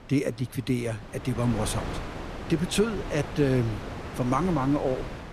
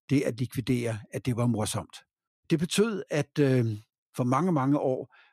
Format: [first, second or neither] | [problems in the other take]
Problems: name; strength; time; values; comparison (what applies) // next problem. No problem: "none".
second | wind noise on the microphone; heavy; 8 dB below the speech